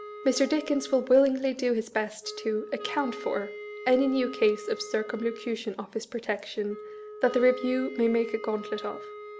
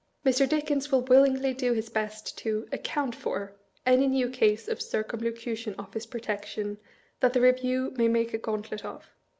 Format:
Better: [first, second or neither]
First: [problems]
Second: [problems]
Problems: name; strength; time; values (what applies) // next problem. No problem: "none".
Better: second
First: background sound (Wind instrument, woodwind instrument); 14 dB below the speech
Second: none